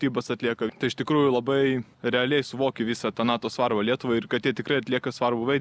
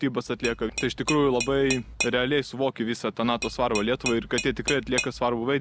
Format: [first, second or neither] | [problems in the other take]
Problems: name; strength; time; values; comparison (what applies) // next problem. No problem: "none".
first | background sound (Tap / Glass); 8 dB below the speech